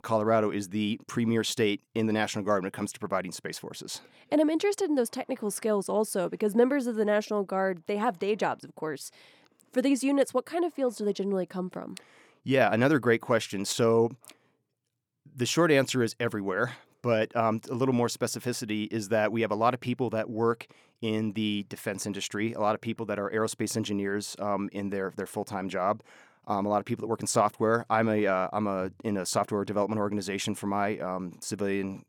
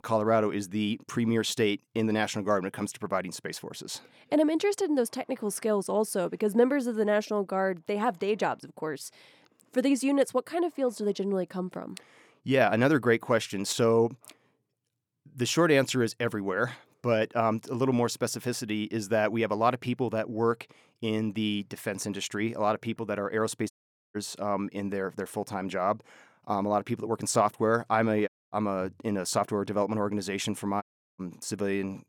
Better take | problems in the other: first | audio cutting out; at 24 s, at 28 s and at 31 s

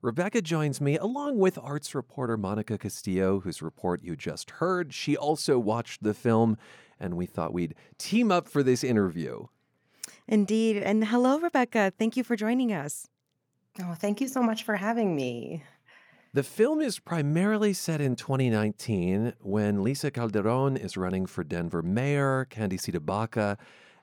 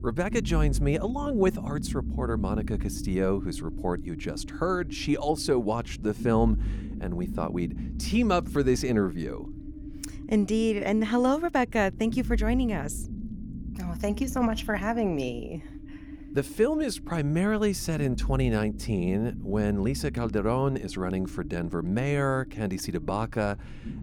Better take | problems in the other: first | low rumble; noticeable; throughout; 15 dB below the speech

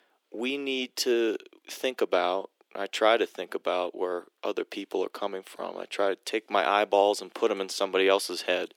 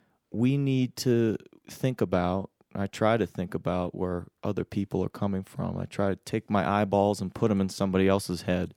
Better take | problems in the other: second | thin; very; fading below 350 Hz

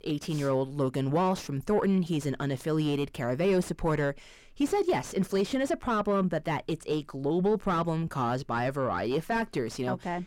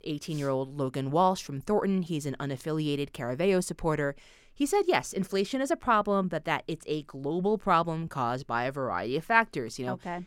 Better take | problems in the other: second | distortion; heavy; 7 dB below the speech

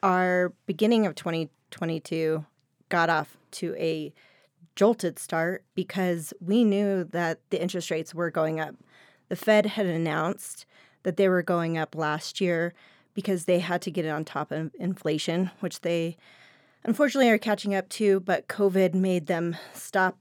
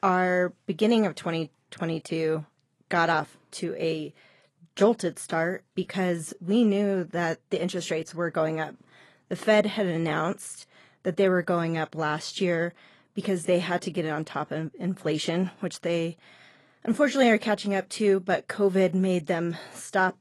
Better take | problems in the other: first | garbled, watery; slightly; nothing above 11.5 kHz

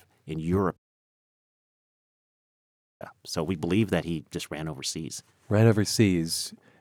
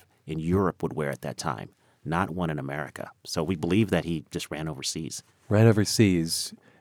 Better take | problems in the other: second | audio cutting out; at 1 s for 2 s

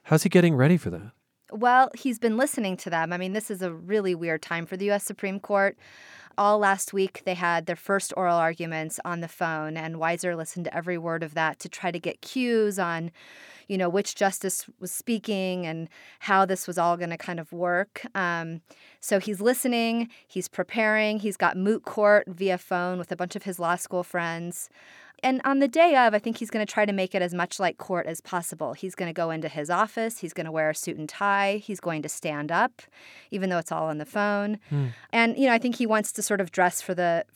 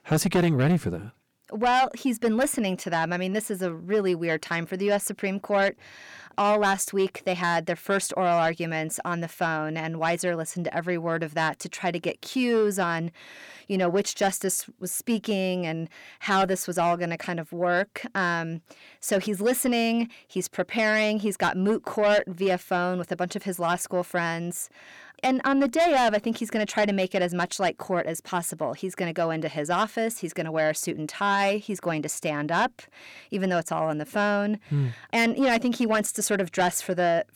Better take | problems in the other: first | distortion; slight; 10 dB below the speech

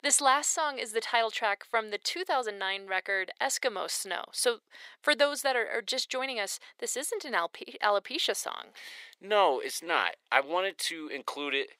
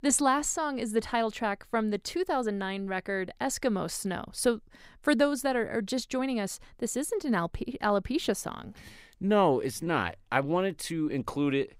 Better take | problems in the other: second | thin; very; fading below 500 Hz

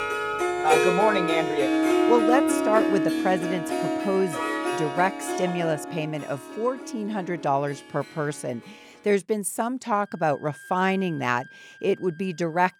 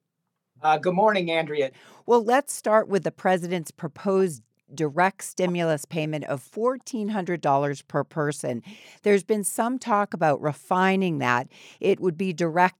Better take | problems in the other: second | background music; very loud; throughout; 1 dB above the speech

